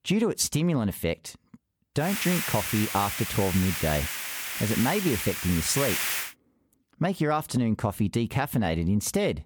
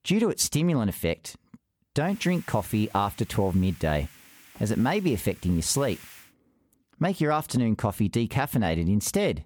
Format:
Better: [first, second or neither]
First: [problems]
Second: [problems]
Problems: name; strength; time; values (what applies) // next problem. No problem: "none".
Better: second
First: hiss; loud; from 2 to 6.5 s; 2 dB below the speech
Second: hiss; faint; from 2 to 6.5 s; 20 dB below the speech